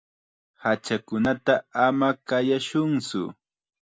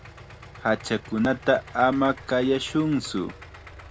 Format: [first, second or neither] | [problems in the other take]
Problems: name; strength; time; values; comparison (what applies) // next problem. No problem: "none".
first | background sound (Idling); 18 dB below the speech